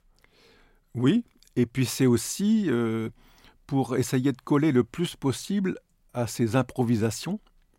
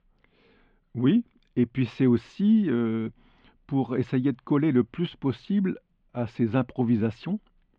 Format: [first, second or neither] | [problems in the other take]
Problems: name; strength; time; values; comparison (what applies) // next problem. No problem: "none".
first | muffled; very; fading above 3 kHz